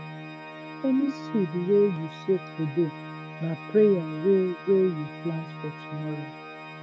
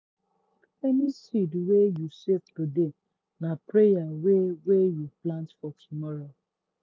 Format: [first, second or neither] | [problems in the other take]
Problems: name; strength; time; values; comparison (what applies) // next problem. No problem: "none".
second | background sound (Organ); 12 dB below the speech